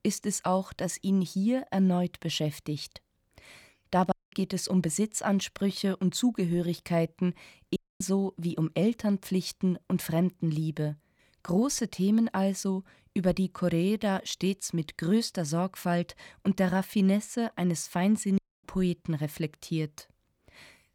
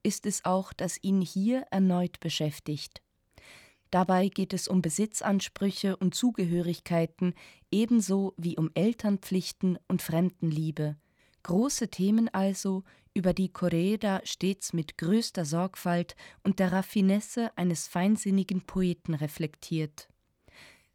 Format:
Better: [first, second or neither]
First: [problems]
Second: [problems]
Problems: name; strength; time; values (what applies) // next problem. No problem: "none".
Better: second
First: audio cutting out; at 4 s, at 8 s and at 18 s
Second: none